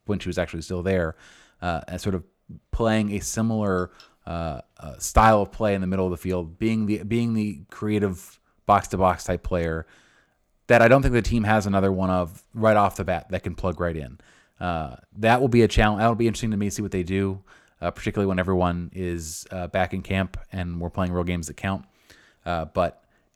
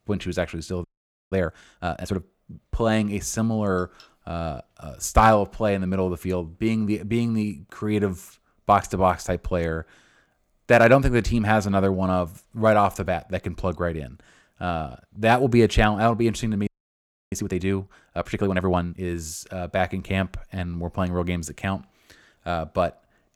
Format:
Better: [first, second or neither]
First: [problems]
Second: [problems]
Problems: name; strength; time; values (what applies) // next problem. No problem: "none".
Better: first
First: none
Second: audio freezing; at 1 s and at 17 s for 0.5 s